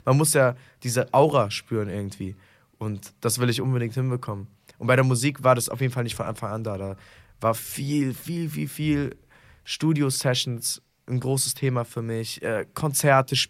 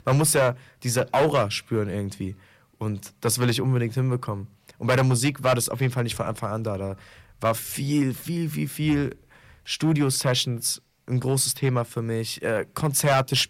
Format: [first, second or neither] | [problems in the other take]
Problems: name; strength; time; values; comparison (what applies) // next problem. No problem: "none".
first | distortion; slight; 4% of the sound clipped